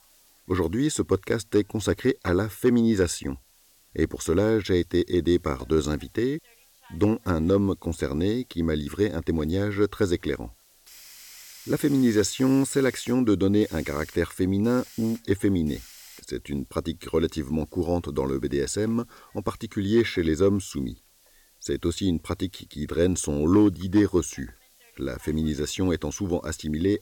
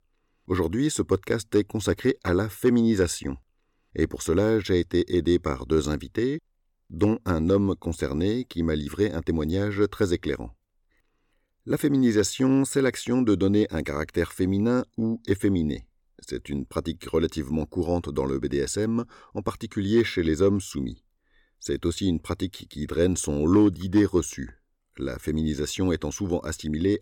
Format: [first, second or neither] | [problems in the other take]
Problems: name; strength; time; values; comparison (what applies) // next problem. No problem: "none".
second | hiss; faint; throughout; 25 dB below the speech